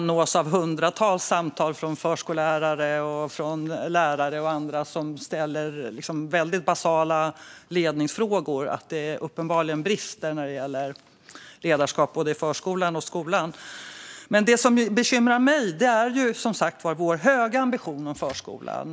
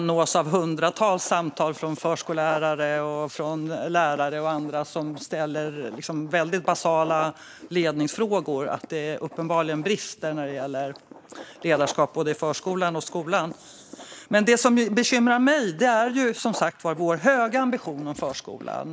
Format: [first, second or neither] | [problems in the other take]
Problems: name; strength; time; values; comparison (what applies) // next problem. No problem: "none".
first | noise reduction (neural mask model Resemble Enhance denoiser)